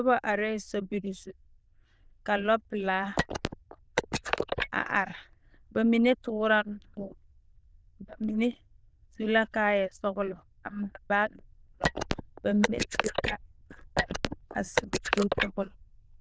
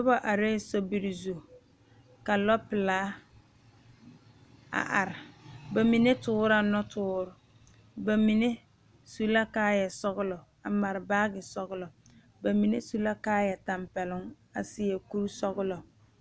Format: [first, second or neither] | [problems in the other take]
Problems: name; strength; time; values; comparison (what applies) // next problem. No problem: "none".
second | noise reduction (neural diffusion model UNIVERSE++)